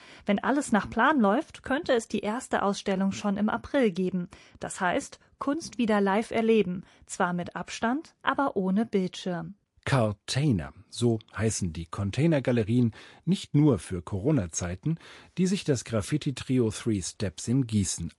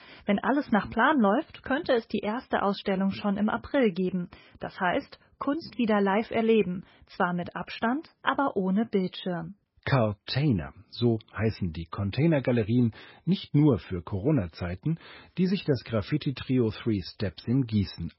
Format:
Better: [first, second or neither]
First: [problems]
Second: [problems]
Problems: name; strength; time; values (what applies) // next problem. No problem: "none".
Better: first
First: garbled, watery; slightly; nothing above 11 kHz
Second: garbled, watery; badly; nothing above 5.5 kHz